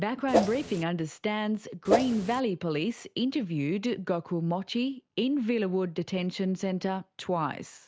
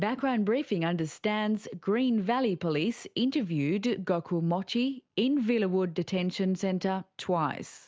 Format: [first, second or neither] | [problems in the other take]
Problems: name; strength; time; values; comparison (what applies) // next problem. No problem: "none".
second | background sound (Whoosh, swoosh, swish); 2 dB above the speech